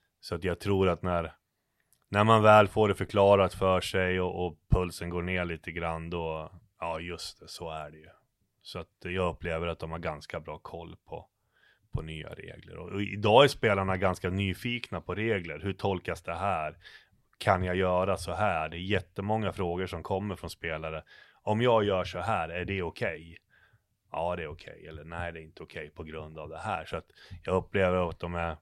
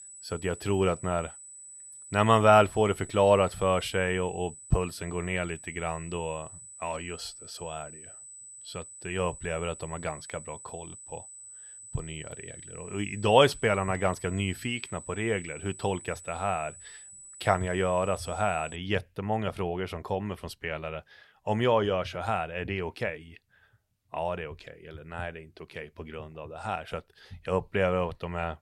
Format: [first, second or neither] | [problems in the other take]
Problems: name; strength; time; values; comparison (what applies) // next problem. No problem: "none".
first | high-pitched whine; noticeable; until 19 s; 8 kHz, 15 dB below the speech